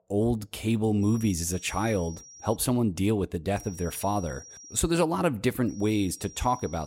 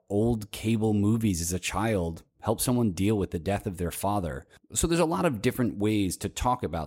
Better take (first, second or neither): second